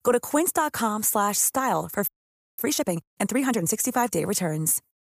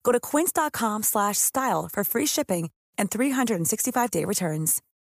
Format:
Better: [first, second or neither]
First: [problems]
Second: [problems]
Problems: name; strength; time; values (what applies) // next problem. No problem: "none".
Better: second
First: audio freezing; at 2 s for 0.5 s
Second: none